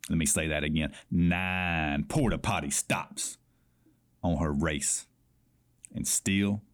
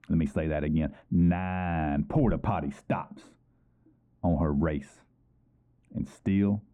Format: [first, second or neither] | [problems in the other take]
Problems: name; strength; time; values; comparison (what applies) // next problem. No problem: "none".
first | muffled; very; fading above 3 kHz